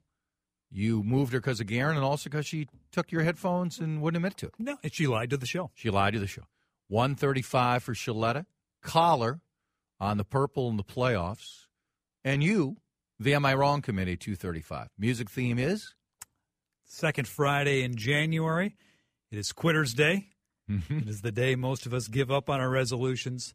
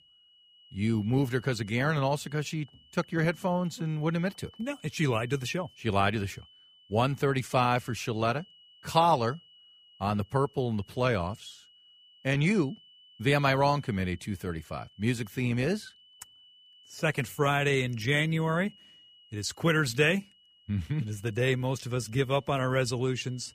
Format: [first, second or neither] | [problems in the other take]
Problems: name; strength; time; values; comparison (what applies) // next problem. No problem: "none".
first | high-pitched whine; faint; throughout; 3 kHz, 25 dB below the speech